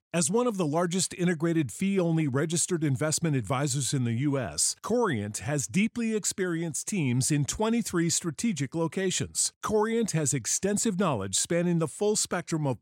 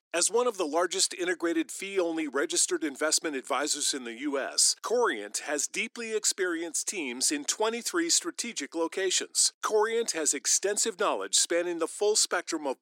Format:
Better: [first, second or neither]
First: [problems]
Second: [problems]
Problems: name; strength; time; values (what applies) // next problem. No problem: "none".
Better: first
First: none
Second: thin; very; fading below 300 Hz